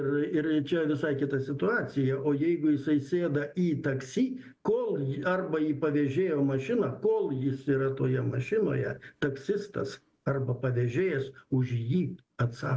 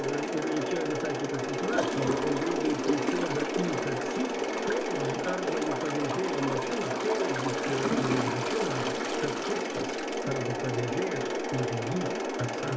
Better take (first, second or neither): first